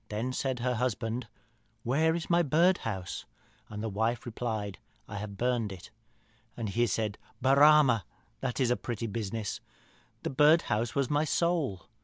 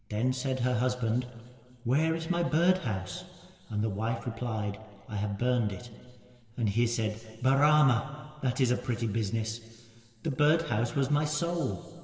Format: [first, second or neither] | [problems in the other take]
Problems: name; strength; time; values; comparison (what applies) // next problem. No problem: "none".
first | room echo; dies away in 2.3 s